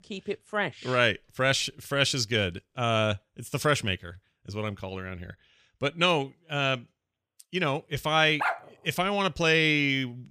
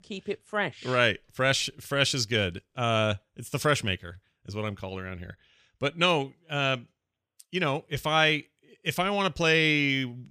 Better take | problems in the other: second | dog barking; noticeable; at 8.5 s; peak 3 dB below the speech

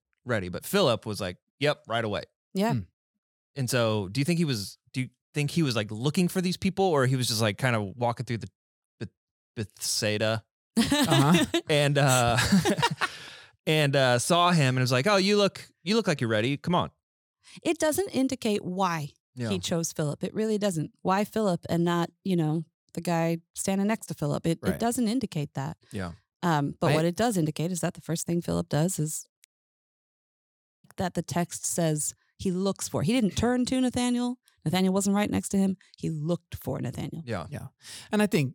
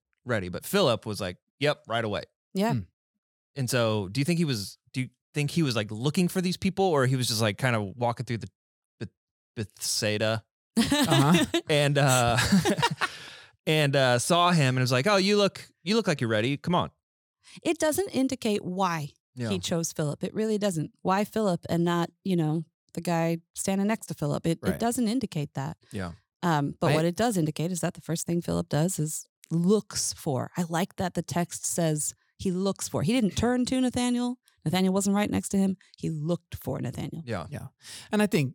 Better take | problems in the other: second | audio cutting out; at 29 s for 1.5 s

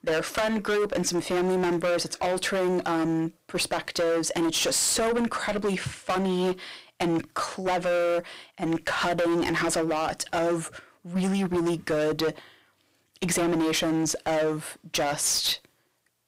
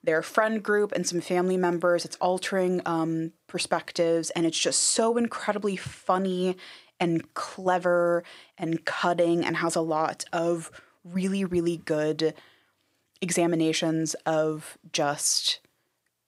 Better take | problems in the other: second | distortion; heavy; 22% of the sound clipped

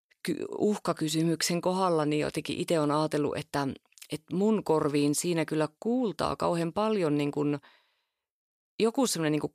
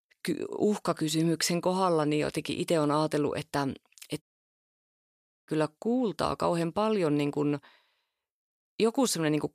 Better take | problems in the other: first | audio cutting out; at 4 s for 1.5 s

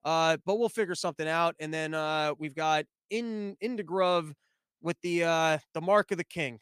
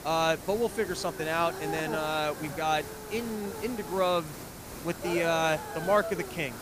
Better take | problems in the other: first | hiss; loud; throughout; 9 dB below the speech

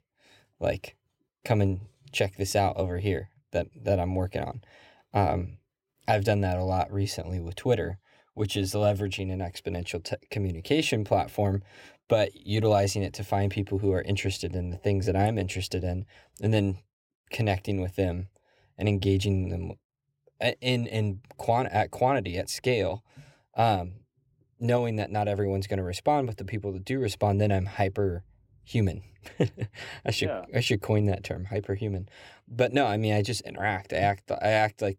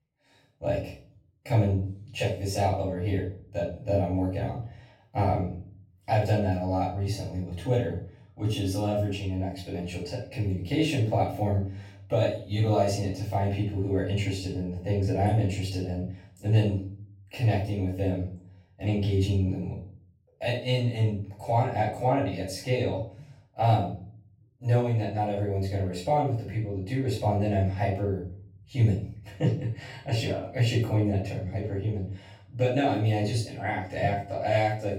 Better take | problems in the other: first | off-mic speech; far // room echo; noticeable; dies away in 0.4 s

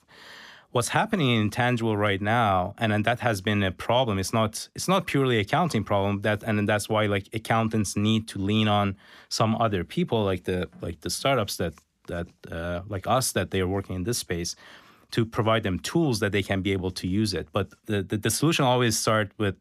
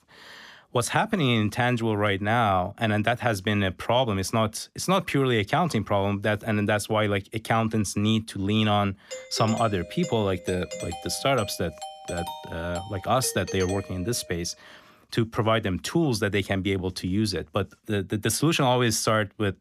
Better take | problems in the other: first | doorbell; noticeable; from 9 to 14 s; peak 9 dB below the speech

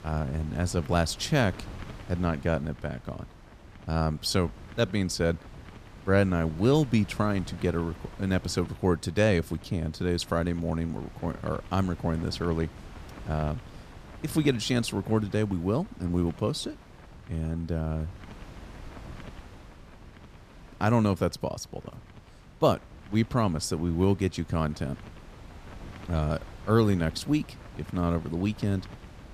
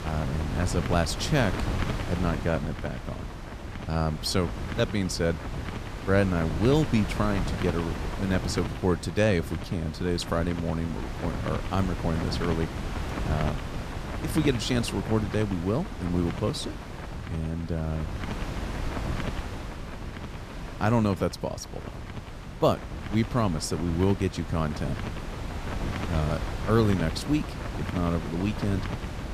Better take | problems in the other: first | wind noise on the microphone; heavy; 7 dB below the speech; occasional gusts in the first

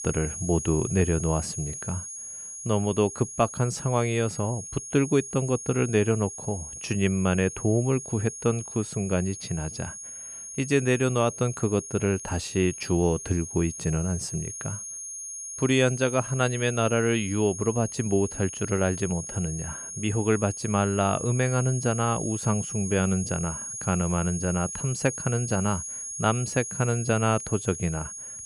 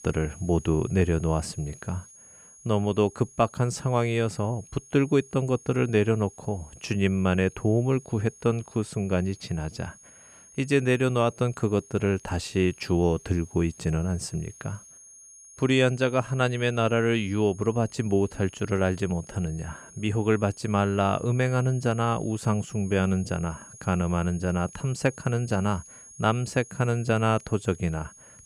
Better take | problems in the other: second | high-pitched whine; loud; throughout; 6.5 kHz, 8 dB below the speech; faint in the second

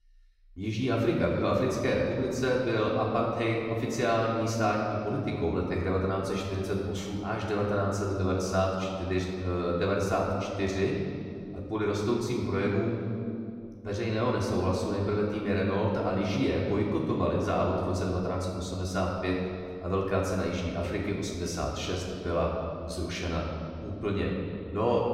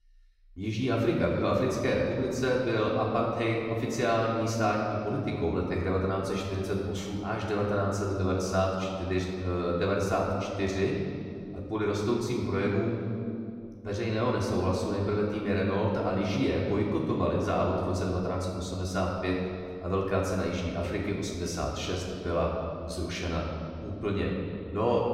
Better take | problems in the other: neither | off-mic speech; far; the same in both // room echo; noticeable; dies away in 2.2 s; the same in both

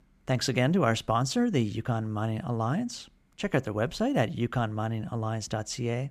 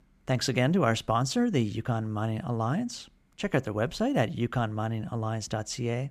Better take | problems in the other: neither | none

